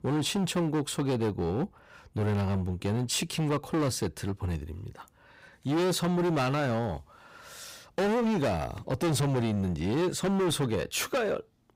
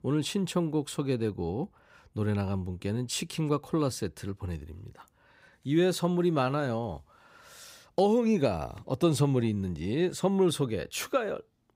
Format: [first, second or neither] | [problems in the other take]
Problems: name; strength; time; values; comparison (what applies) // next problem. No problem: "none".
second | distortion; heavy; 20% of the sound clipped